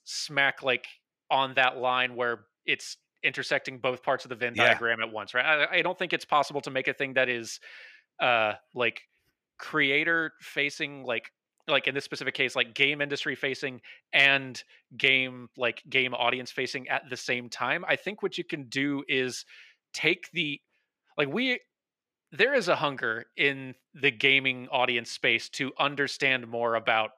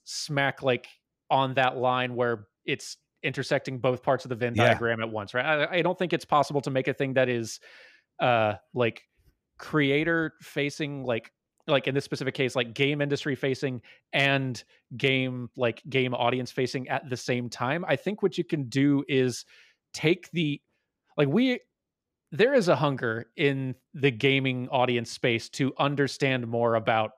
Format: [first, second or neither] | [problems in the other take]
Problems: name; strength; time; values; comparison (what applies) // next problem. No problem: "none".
second | thin; very slightly; fading below 400 Hz